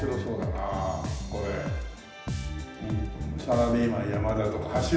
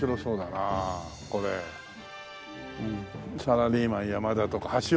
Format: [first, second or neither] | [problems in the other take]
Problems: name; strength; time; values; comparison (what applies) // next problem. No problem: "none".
second | background sound (Bass guitar); 4 dB below the speech // room echo; dies away in 0.9 s